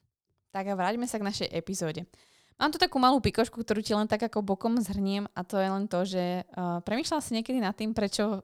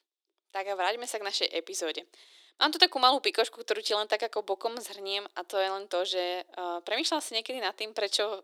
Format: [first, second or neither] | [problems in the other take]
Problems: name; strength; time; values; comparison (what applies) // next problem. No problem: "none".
first | thin; very; fading below 300 Hz